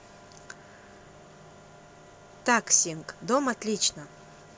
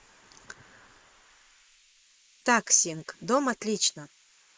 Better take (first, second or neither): first